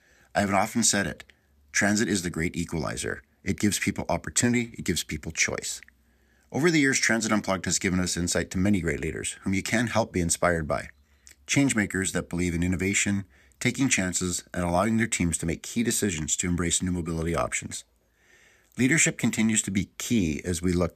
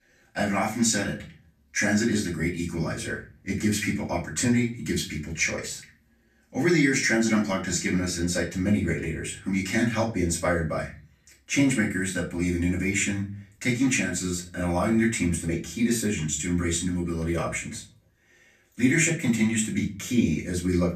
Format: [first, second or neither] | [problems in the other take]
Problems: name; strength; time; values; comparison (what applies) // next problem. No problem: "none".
first | room echo; slight; dies away in 0.3 s // off-mic speech; far